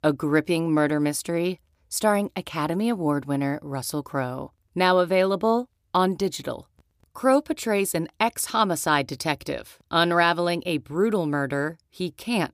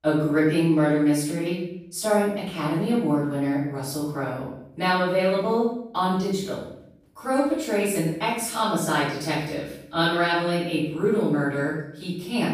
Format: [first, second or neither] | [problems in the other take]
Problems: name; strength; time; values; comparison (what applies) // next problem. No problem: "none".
first | off-mic speech; far // room echo; noticeable; dies away in 0.6 s